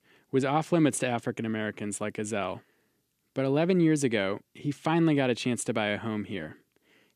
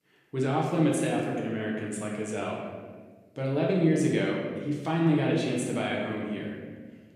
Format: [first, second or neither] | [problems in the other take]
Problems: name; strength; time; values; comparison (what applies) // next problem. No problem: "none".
first | room echo; noticeable; dies away in 1.4 s // off-mic speech; far